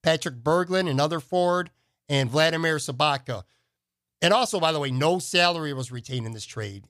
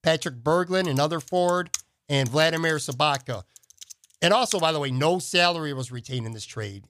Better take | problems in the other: first | keyboard typing; noticeable; from 1 to 4.5 s; peak 8 dB below the speech

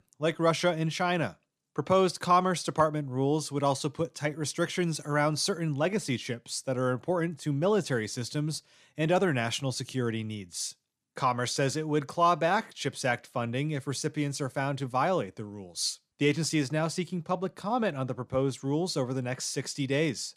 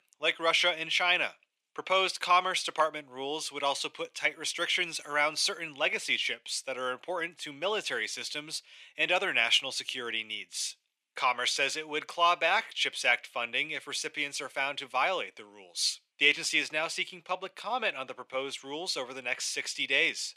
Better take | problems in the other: first | thin; very; fading below 600 Hz

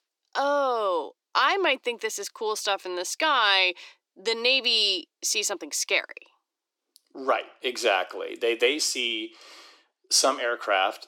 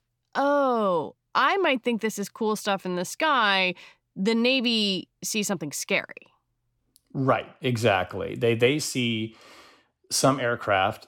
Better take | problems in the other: second | thin; somewhat; fading below 300 Hz

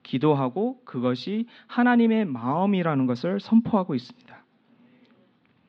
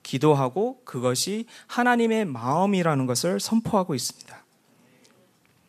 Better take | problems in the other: second | muffled; slightly; fading above 4 kHz

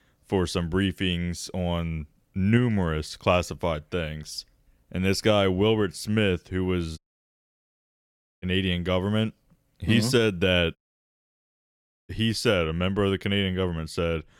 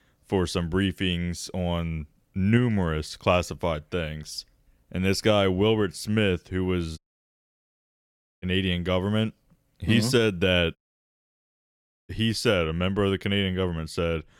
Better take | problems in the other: neither | audio cutting out; at 7 s for 1.5 s and at 11 s for 1.5 s; the same in both

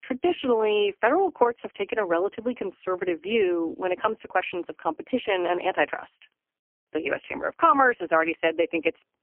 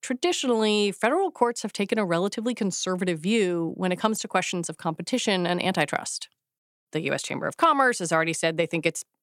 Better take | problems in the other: second | phone-call audio; poor line; nothing above 3 kHz

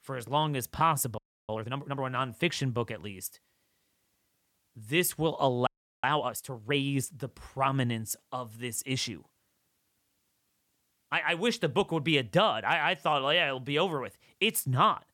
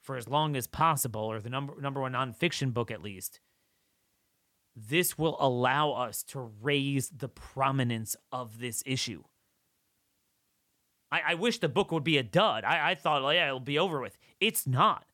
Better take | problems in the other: second | audio freezing; at 1 s and at 5.5 s

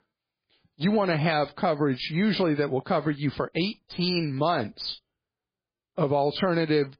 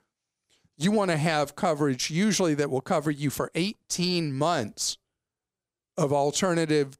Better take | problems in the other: second | garbled, watery; badly; nothing above 4.5 kHz

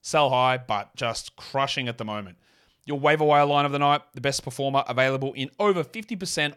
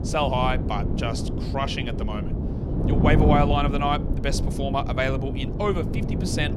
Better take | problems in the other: first | wind noise on the microphone; heavy; 7 dB below the speech

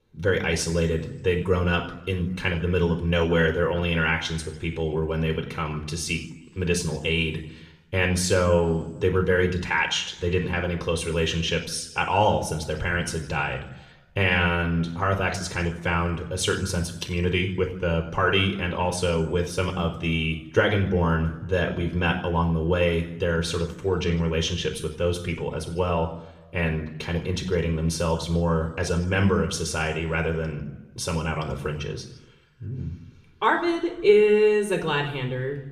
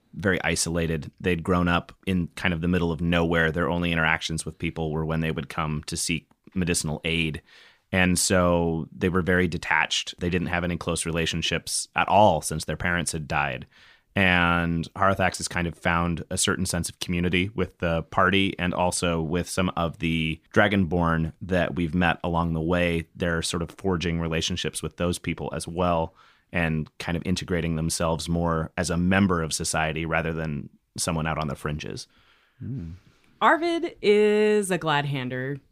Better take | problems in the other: second | room echo; slight; dies away in 0.7 s // off-mic speech; somewhat distant

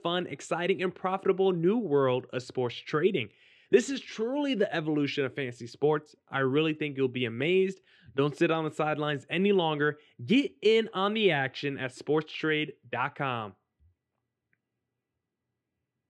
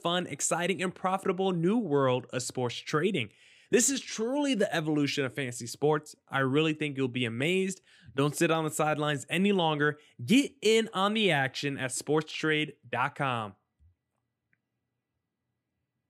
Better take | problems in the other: second | muffled; slightly; fading above 3.5 kHz

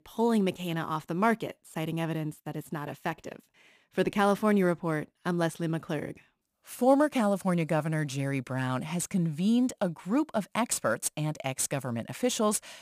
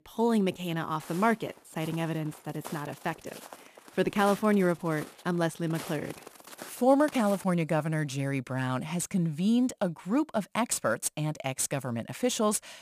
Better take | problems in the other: first | footsteps; faint; from 1 to 7.5 s; peak 15 dB below the speech

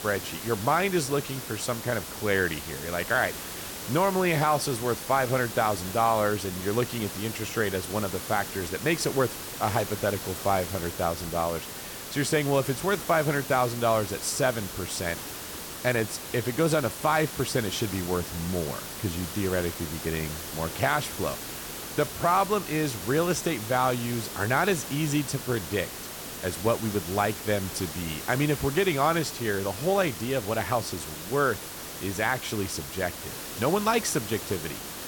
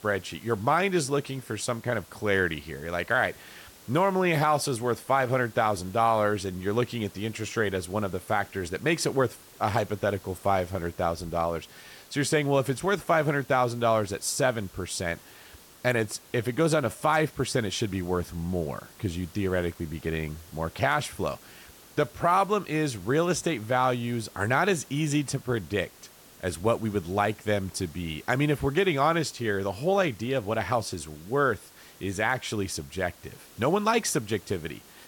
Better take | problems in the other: second | hiss; loud; throughout; 8 dB below the speech; faint in the second

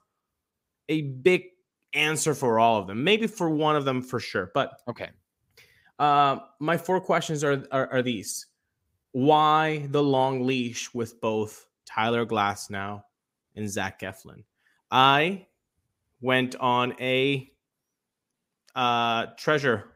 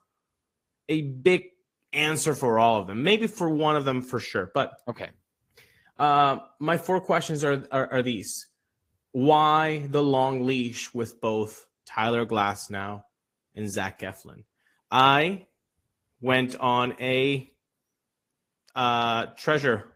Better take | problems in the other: first | garbled, watery; slightly; nothing above 15.5 kHz

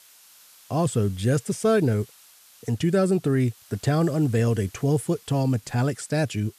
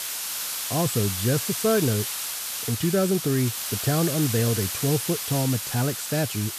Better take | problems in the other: first | hiss; loud; throughout; 3 dB below the speech; faint in the first

